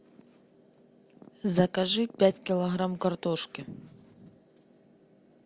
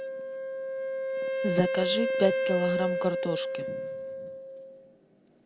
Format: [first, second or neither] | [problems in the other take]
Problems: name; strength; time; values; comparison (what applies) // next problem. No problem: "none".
first | background sound (Wind instrument, woodwind instrument); 1 dB above the speech